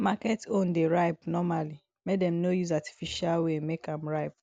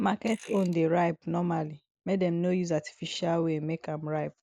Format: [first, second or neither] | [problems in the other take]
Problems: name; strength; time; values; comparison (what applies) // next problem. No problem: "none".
first | noise reduction (neural mask model Resemble Enhance denoiser)